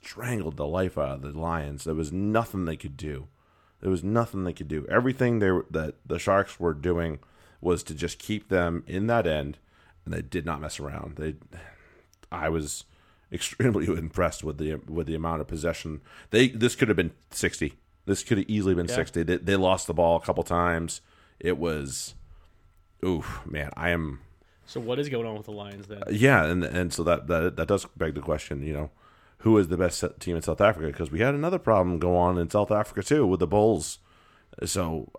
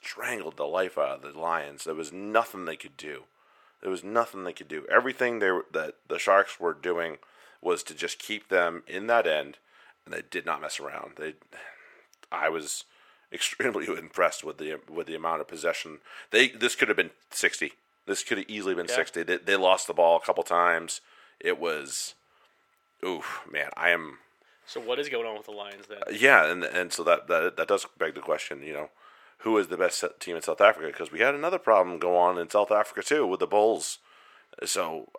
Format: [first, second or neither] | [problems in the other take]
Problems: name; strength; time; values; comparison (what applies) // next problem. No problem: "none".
first | thin; very; fading below 550 Hz